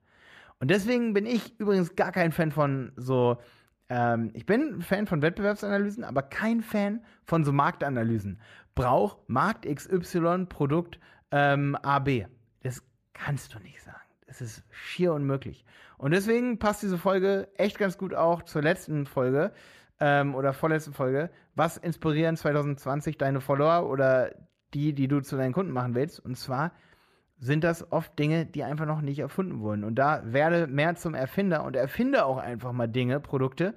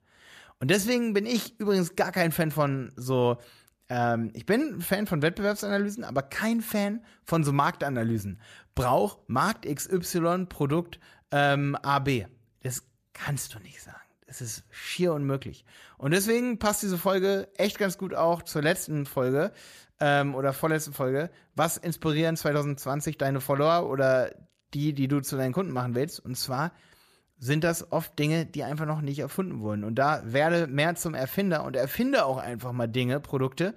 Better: second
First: muffled; slightly; fading above 3.5 kHz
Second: none

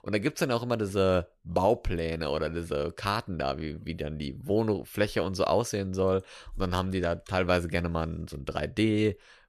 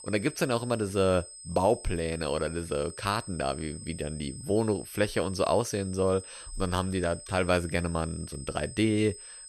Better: first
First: none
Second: high-pitched whine; noticeable; throughout; 8 kHz, 15 dB below the speech

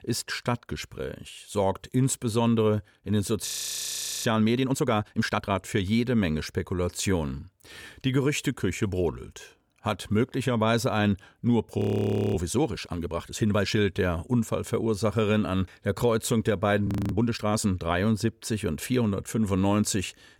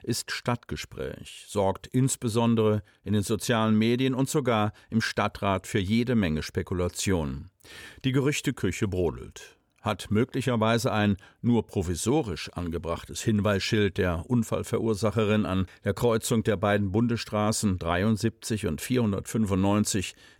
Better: second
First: audio freezing; at 3.5 s for 1 s, at 12 s for 0.5 s and at 17 s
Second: none

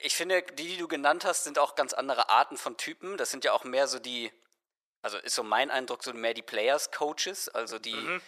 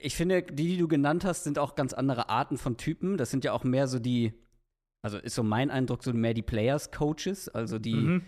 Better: second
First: thin; very; fading below 600 Hz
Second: none

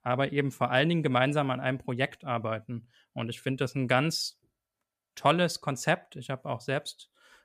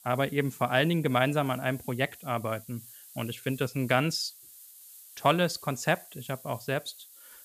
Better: first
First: none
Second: hiss; noticeable; throughout; 20 dB below the speech

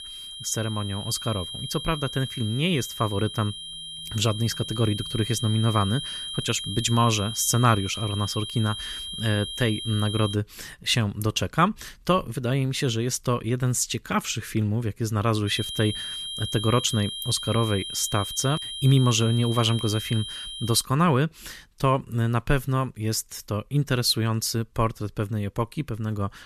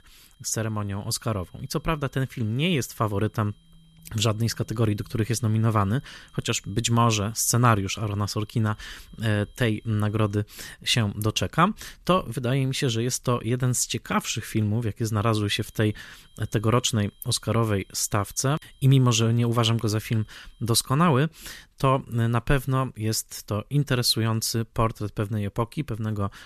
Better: second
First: high-pitched whine; loud; until 10 s and from 15 to 21 s; 3 kHz, 7 dB below the speech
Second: high-pitched whine; faint; until 10 s and from 15 to 21 s; 3 kHz, 35 dB below the speech

